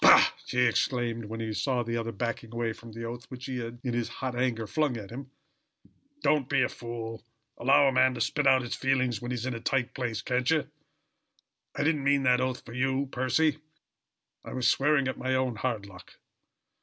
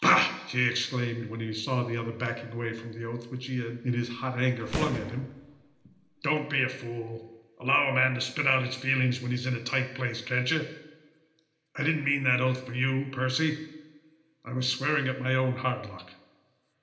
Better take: first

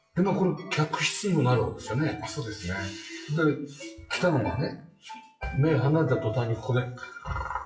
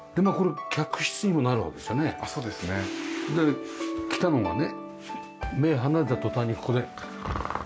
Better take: second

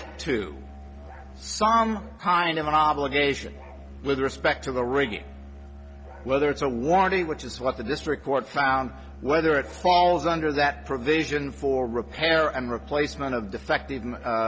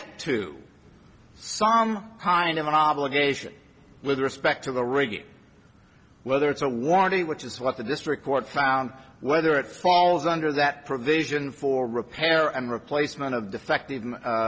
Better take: second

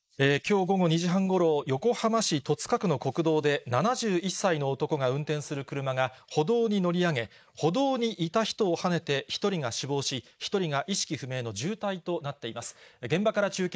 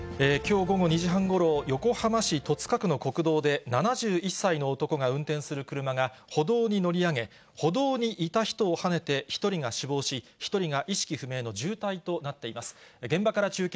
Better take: second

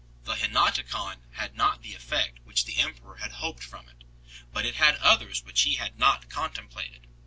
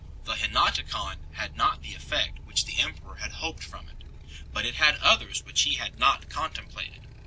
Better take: first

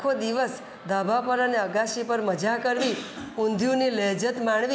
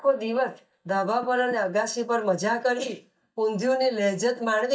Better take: first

